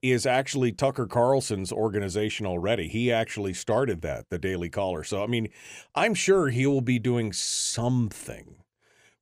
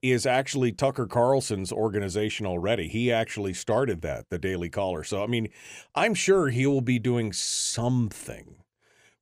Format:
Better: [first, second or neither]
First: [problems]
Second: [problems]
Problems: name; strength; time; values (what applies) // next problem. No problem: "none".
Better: neither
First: none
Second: none